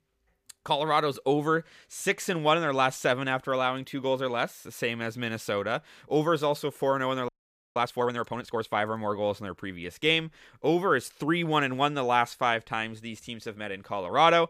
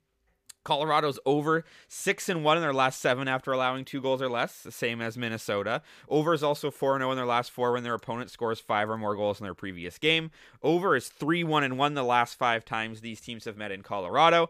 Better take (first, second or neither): second